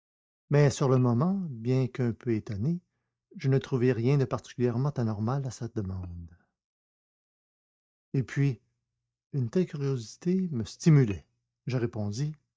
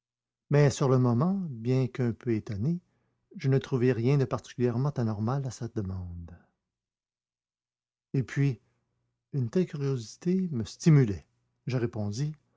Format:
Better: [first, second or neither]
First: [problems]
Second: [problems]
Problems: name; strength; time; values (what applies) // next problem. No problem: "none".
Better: second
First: noise reduction (neural mask model DeepFilterNet 3)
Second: none